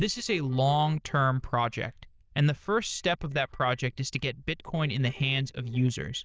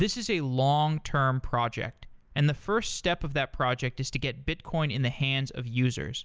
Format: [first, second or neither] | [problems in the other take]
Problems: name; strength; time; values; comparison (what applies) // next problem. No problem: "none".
second | noise reduction (neural diffusion model UNIVERSE++)